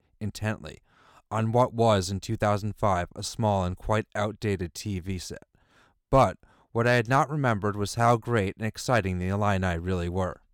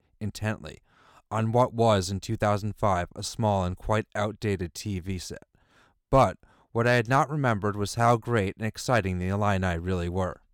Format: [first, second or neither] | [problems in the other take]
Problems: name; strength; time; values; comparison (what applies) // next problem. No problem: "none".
neither | none